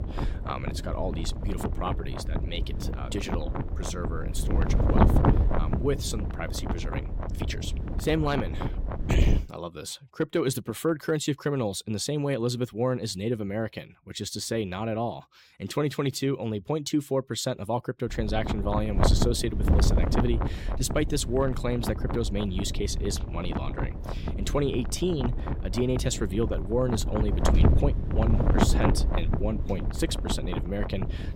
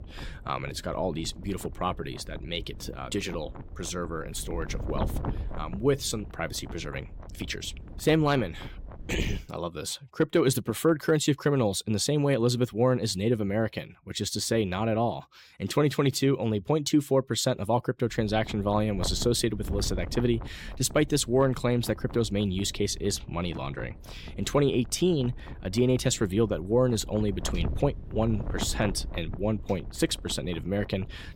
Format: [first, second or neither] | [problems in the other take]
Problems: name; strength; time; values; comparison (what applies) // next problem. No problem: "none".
second | wind noise on the microphone; heavy; until 9.5 s and from 18 s on; 4 dB below the speech; occasional gusts in the second